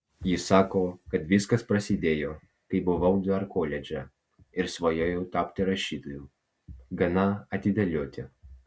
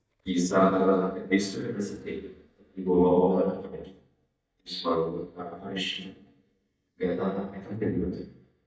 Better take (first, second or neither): first